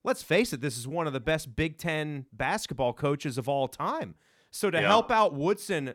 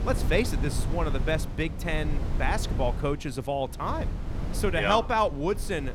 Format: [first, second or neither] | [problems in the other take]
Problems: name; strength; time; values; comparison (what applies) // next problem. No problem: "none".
first | wind noise on the microphone; occasional gusts; 15 dB below the speech